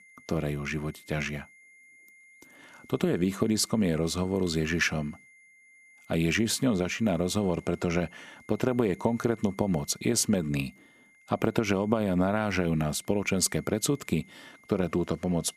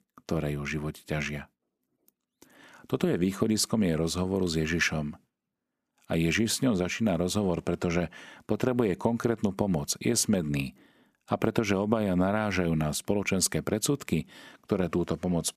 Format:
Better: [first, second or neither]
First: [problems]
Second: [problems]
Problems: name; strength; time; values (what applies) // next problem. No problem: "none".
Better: second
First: high-pitched whine; faint; throughout; 2 kHz, 25 dB below the speech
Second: none